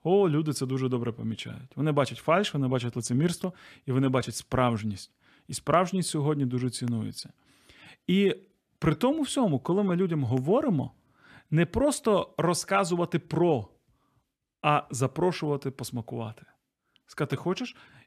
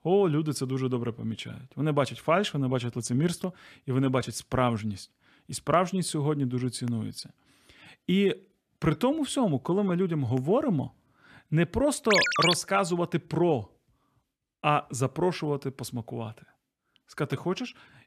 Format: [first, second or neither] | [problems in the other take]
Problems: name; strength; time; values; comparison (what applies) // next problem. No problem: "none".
first | phone ringing; loud; at 12 s; peak 6 dB above the speech